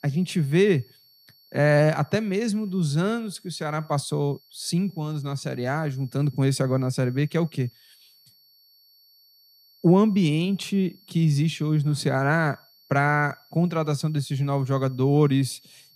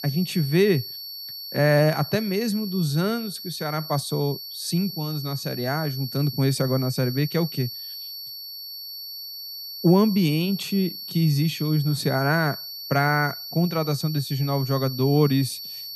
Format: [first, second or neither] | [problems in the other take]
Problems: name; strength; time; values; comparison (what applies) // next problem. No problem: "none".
first | high-pitched whine; loud; throughout; 4.5 kHz, 9 dB below the speech; faint in the first